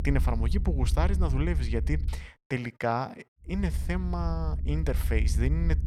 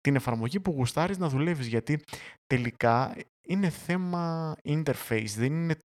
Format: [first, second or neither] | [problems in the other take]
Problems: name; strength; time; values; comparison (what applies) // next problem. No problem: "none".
second | low rumble; noticeable; until 2 s and from 3.5 s on; 15 dB below the speech